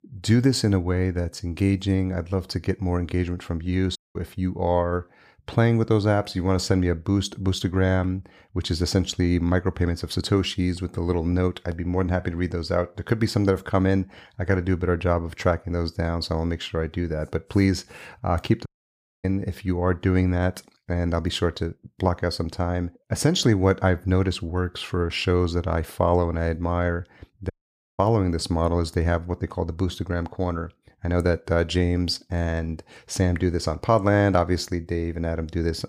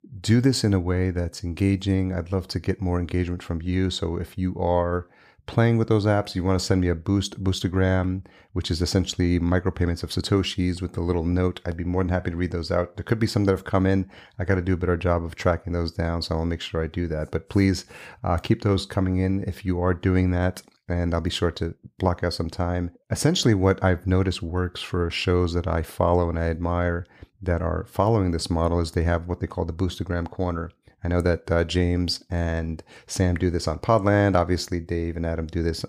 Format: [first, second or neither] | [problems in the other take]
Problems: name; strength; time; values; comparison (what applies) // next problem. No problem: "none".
second | audio cutting out; at 4 s, at 19 s for 0.5 s and at 28 s